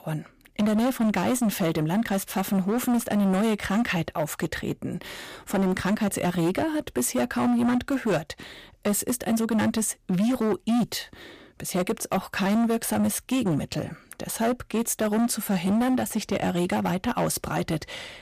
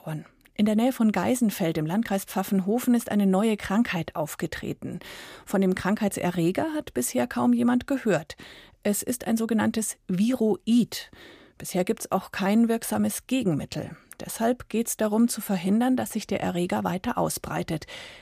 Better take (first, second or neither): second